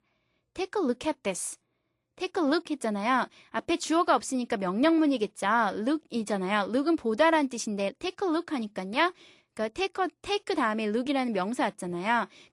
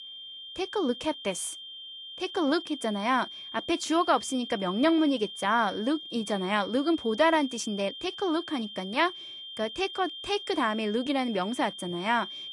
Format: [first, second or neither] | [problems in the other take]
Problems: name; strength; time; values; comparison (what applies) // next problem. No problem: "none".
first | high-pitched whine; noticeable; throughout; 3 kHz, 10 dB below the speech